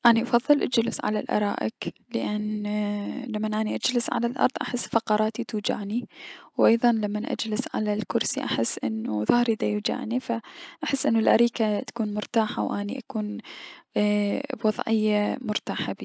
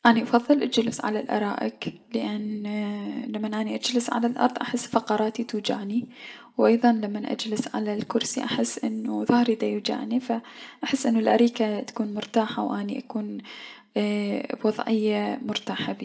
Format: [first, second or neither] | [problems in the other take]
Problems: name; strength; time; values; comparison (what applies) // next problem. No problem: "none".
first | room echo; dies away in 0.4 s